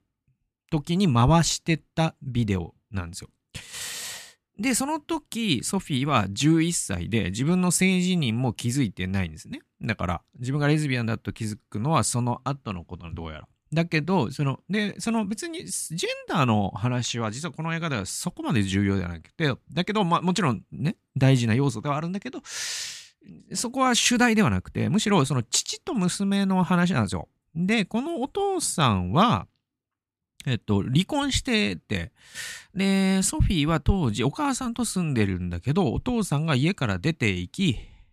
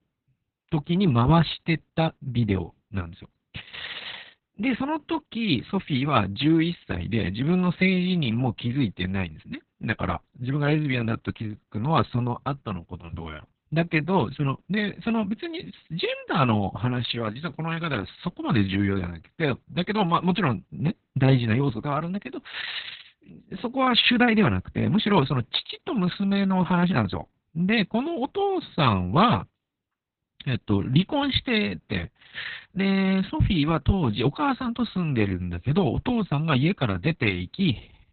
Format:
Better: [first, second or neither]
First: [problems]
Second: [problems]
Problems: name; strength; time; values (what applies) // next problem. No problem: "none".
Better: first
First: none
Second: garbled, watery; badly; nothing above 4 kHz